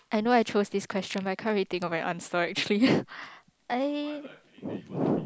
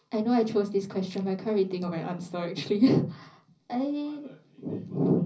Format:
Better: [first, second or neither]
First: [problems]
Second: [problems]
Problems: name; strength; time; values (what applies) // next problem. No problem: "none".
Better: first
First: none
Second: room echo; dies away in 0.5 s